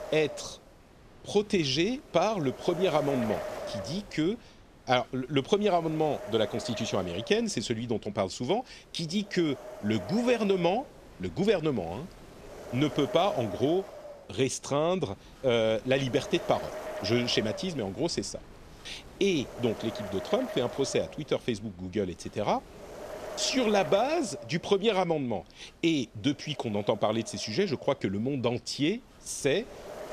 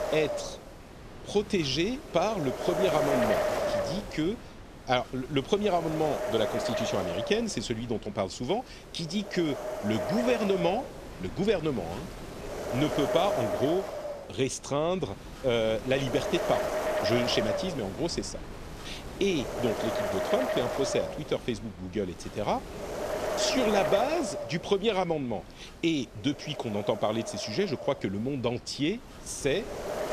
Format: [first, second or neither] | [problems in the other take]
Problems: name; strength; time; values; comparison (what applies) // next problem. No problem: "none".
first | wind noise on the microphone; heavy; 1 dB below the speech; occasional gusts in the first